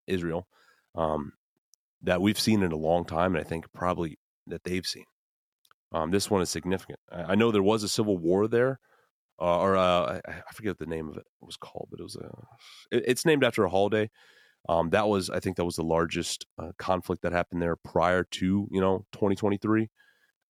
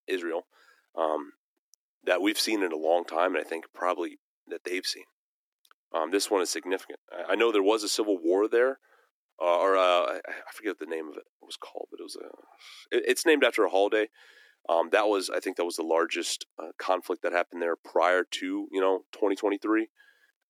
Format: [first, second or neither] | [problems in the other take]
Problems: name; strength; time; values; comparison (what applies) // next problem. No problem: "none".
first | thin; somewhat; fading below 300 Hz